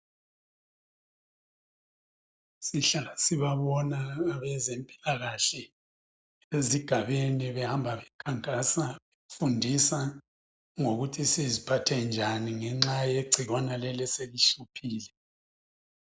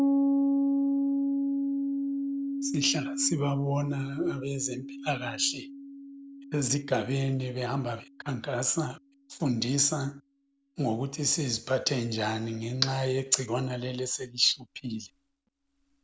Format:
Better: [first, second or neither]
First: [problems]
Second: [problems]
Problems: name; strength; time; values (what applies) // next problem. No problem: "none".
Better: first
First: none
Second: background sound (Piano); 2 dB below the speech